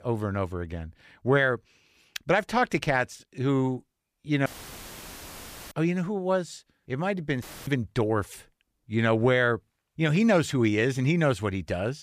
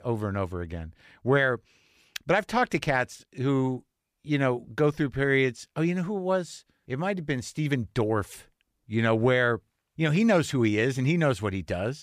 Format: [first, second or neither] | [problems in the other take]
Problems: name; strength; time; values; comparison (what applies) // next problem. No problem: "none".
second | audio cutting out; filled with static; at 4.5 s for 1.5 s and at 7.5 s